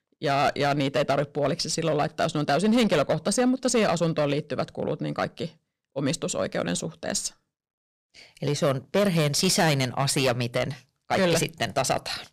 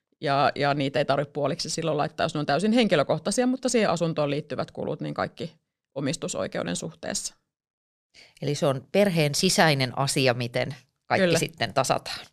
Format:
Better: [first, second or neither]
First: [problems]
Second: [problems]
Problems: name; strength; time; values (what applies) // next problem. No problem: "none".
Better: second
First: distortion; slight; 6% of the sound clipped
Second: none